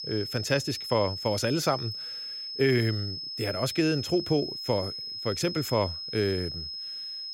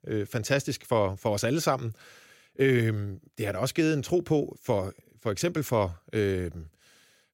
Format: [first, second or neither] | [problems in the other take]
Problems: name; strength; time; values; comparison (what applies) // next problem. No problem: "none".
second | high-pitched whine; loud; throughout; 5 kHz, 5 dB below the speech